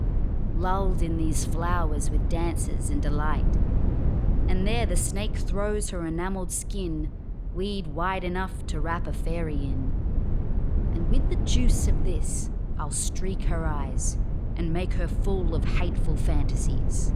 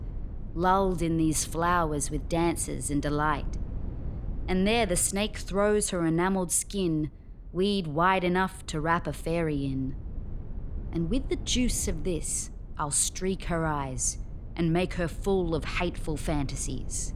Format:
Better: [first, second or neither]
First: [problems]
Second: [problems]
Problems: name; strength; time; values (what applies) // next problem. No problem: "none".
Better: second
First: low rumble; loud; throughout; 9 dB below the speech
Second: low rumble; faint; throughout; 25 dB below the speech